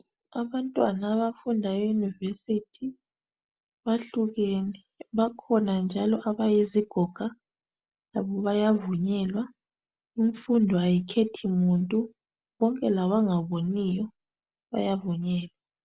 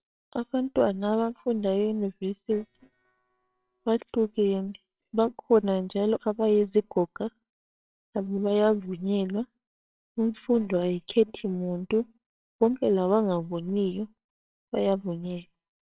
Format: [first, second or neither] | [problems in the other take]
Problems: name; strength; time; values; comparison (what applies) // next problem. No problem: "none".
first | noise reduction (neural separator model SepFormer WHAMR!)